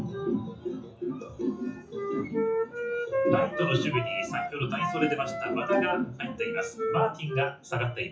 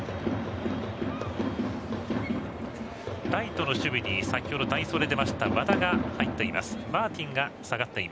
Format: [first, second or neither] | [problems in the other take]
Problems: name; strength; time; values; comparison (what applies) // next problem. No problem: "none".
second | noise reduction (classical method WPE with log-MMSE)